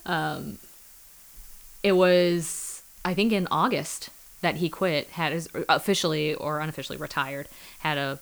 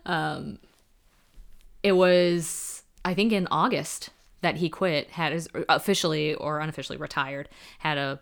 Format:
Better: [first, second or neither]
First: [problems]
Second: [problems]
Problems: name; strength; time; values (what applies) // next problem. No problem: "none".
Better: second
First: hiss; faint; throughout; 20 dB below the speech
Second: none